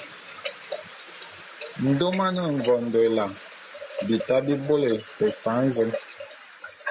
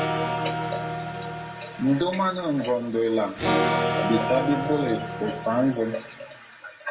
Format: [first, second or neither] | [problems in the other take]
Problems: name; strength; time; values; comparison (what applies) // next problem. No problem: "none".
first | background sound (Electric guitar / Acoustic guitar); 2 dB below the speech // room echo; dies away in 0.5 s